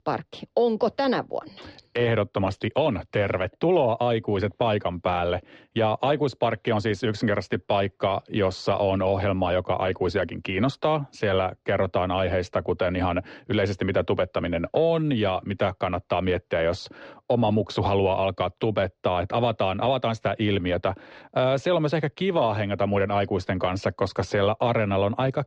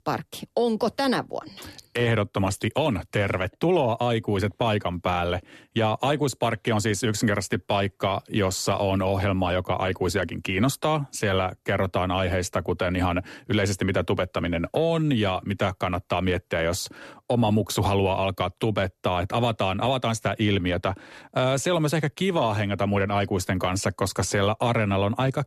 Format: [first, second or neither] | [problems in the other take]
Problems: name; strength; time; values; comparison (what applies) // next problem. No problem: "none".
second | muffled; slightly; fading above 4.5 kHz